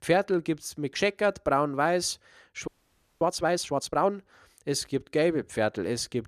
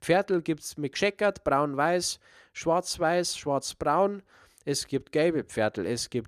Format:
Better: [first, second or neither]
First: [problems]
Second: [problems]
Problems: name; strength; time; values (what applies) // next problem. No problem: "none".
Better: second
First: audio freezing; at 2.5 s for 0.5 s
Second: none